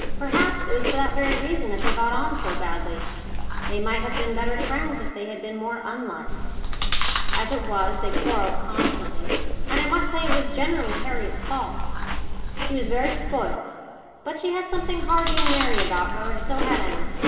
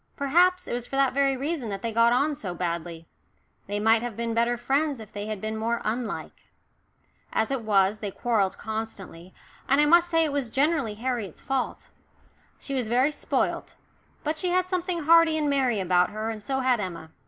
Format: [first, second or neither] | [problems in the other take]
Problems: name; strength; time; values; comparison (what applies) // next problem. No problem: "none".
second | background sound (Chewing, mastication); 4 dB above the speech // room echo; dies away in 2.3 s